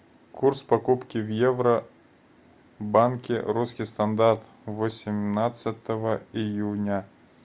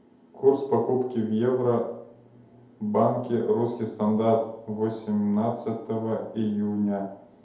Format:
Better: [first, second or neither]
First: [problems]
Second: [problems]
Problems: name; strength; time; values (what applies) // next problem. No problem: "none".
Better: first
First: none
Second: room echo; dies away in 2 s